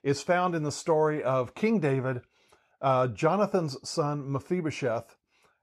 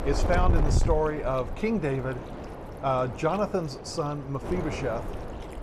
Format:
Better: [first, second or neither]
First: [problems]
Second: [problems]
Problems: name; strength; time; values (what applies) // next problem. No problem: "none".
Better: first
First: none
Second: wind noise on the microphone; heavy; 9 dB below the speech